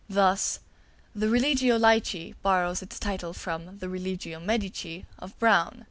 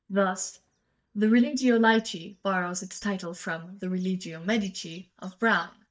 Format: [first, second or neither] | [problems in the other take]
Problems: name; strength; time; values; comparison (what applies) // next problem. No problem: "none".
first | noise reduction (neural mask model DeepFilterNet 3)